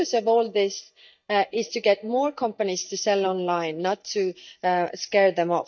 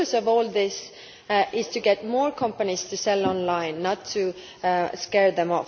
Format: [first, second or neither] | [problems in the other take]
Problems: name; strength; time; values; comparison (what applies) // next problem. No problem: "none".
second | noise reduction (neural mask model DeepFilterNet 3)